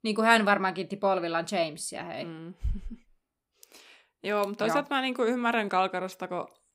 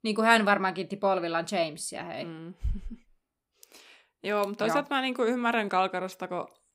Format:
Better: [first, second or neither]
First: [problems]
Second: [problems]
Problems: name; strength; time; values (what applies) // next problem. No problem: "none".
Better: neither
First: none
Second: none